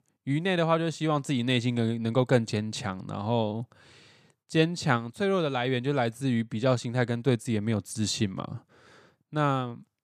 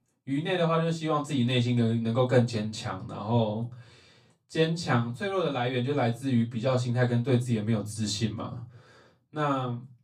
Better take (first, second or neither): first